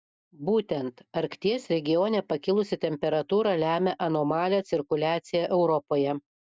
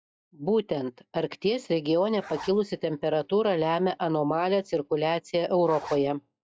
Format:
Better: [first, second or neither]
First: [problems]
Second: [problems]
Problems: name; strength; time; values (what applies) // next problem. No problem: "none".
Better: first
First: none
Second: noise reduction (classical method log-MMSE)